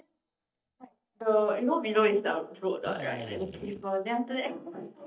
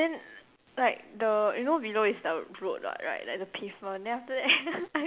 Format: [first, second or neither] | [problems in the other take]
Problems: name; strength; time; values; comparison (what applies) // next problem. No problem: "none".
second | noise reduction (neural mask model DeepFilterNet 3)